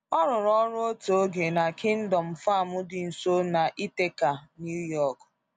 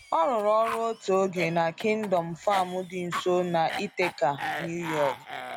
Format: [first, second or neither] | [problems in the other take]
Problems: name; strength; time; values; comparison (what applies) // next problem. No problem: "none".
first | background sound (Cough); 10 dB below the speech